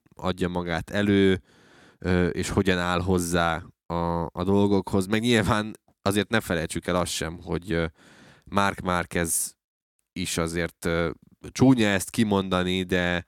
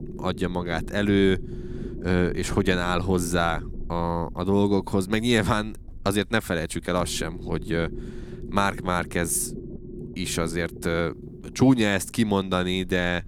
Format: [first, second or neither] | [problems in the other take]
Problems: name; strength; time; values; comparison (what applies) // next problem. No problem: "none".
first | low rumble; noticeable; throughout; 20 dB below the speech